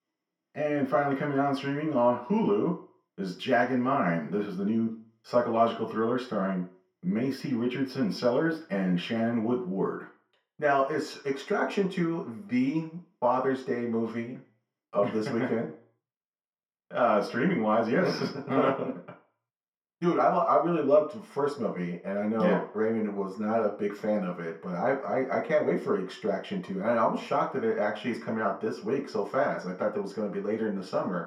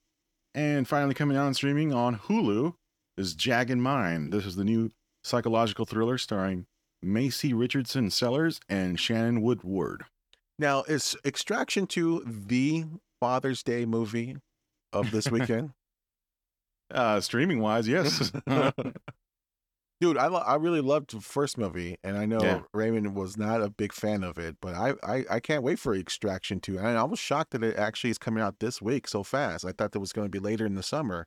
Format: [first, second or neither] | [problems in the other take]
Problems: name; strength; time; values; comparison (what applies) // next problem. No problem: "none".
second | room echo; slight; dies away in 0.4 s // off-mic speech; far